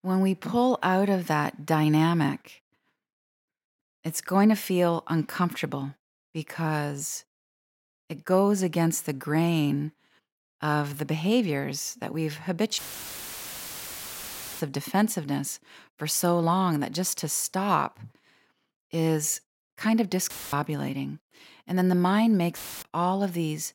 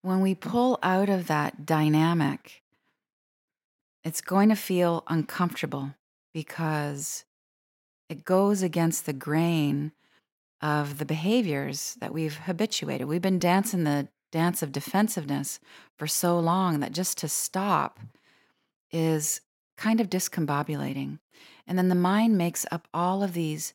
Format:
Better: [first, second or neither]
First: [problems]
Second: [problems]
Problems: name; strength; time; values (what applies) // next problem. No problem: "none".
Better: second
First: audio cutting out; filled with static; at 13 s for 2 s, at 20 s and at 23 s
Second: none